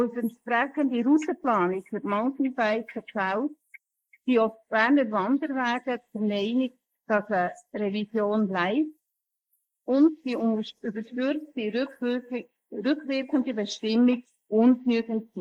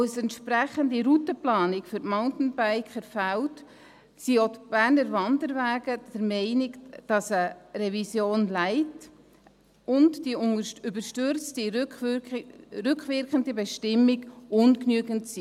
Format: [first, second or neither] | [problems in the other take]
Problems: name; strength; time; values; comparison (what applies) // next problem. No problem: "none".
second | noise reduction (neural mask model Resemble Enhance denoiser)